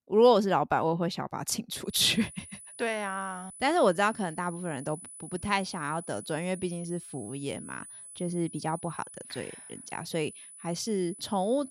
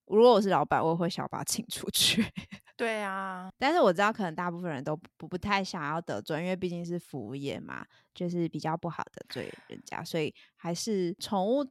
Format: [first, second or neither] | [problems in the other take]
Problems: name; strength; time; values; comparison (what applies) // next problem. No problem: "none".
second | high-pitched whine; noticeable; from 2 s on; 10 kHz, 15 dB below the speech